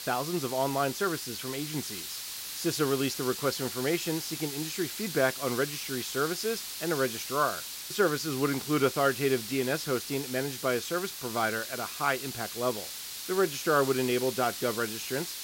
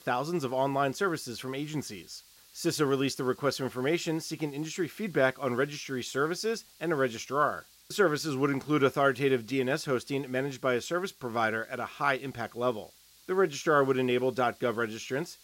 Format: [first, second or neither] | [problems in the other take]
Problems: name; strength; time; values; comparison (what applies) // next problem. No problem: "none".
second | hiss; loud; throughout; 6 dB below the speech; faint in the second